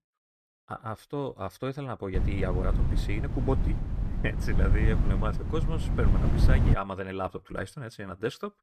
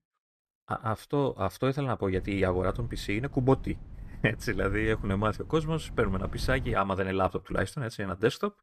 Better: second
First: wind noise on the microphone; heavy; from 2 to 6.5 s; 5 dB below the speech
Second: wind noise on the microphone; occasional gusts; from 2 to 6.5 s; 25 dB below the speech

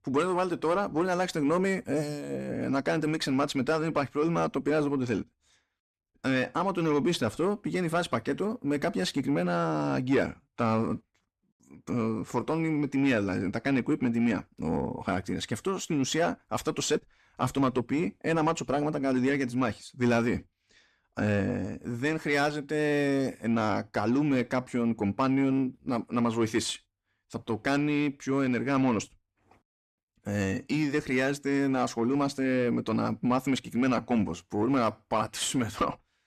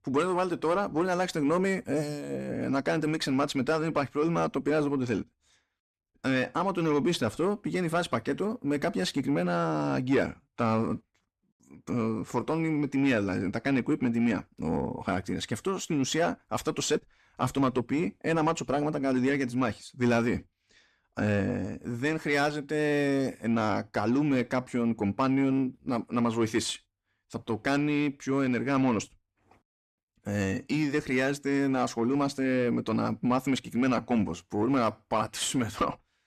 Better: neither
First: distortion; slight; 10 dB below the speech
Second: distortion; slight; 10 dB below the speech

